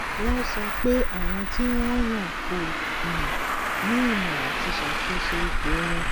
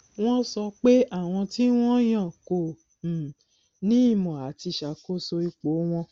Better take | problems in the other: second | background sound (Traffic noise, roadway noise); 3 dB above the speech

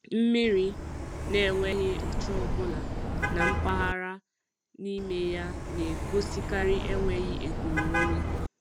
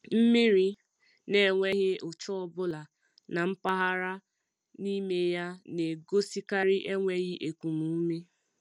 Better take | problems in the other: second | background sound (Car passing by); as loud as the speech

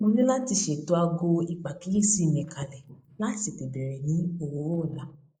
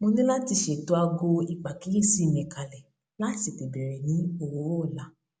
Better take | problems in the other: second | noise reduction (neural mask model Resemble Enhance denoiser)

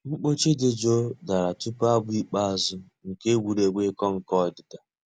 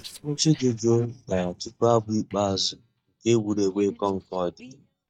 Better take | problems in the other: first | noise reduction (neural mask model DeepFilterNet 3)

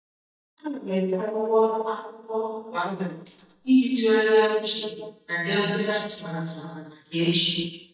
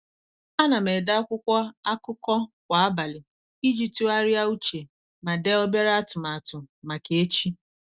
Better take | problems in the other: second | noise reduction (neural mask model DeepFilterNet 3)

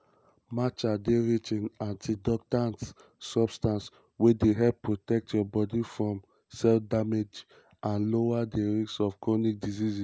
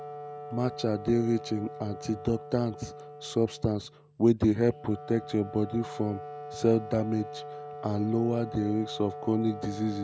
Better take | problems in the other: first | background sound (Wind instrument, woodwind instrument); 13 dB below the speech

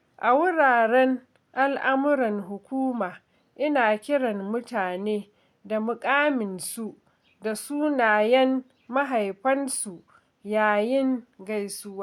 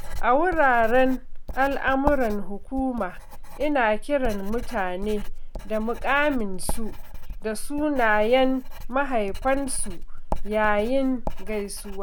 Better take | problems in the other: first | background sound (Writing); 2 dB below the speech

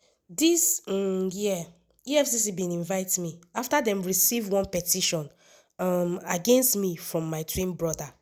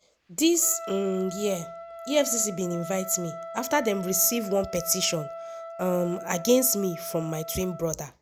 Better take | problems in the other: first | background sound (Trumpet); 12 dB below the speech

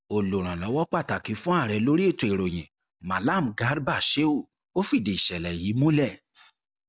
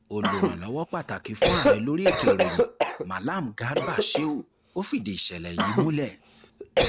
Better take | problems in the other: first | background sound (Cough); 3 dB above the speech

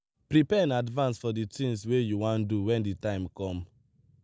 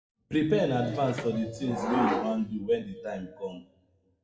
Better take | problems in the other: first | noise reduction (classical method WPE with log-MMSE)

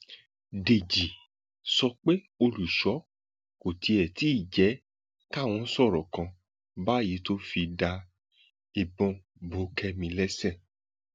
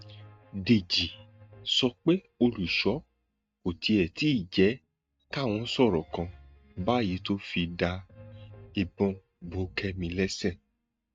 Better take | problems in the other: first | noise reduction (neural mask model RNNoise)

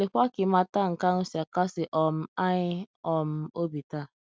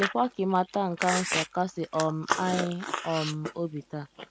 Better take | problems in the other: first | background sound (Chewing, mastication); 5 dB below the speech

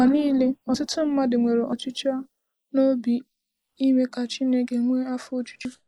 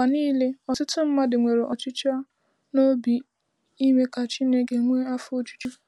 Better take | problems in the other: second | noise reduction (neural mask model Resemble Enhance denoiser)

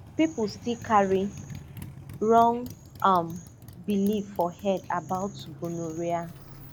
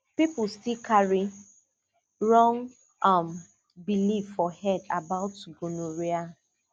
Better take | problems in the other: second | background sound (Motorcycle); 16 dB below the speech

